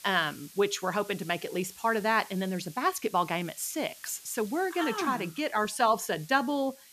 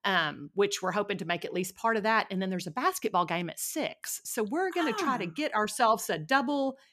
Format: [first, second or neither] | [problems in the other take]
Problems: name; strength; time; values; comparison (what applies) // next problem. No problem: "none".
second | hiss; noticeable; throughout; 20 dB below the speech